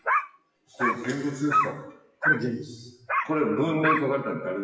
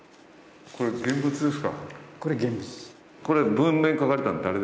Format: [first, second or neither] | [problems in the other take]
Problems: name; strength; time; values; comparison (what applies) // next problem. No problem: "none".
second | noise reduction (classical method WPE with log-MMSE)